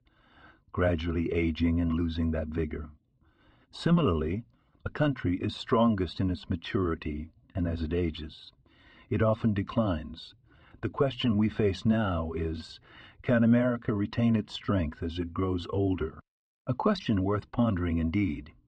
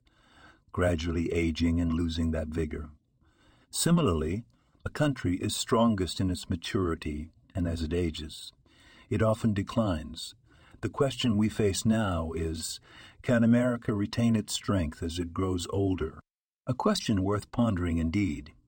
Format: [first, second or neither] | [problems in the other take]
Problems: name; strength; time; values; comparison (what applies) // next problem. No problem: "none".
second | muffled; slightly; fading above 3.5 kHz